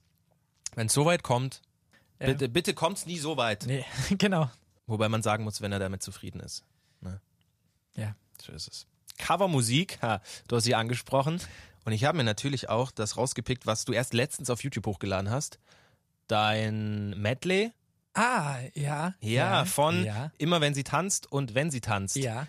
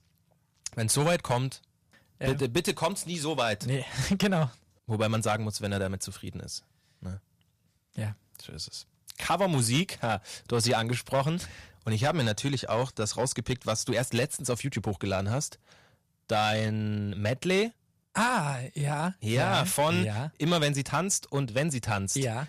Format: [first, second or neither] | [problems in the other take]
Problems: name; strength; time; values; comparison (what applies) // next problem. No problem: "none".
first | distortion; slight; 3% of the sound clipped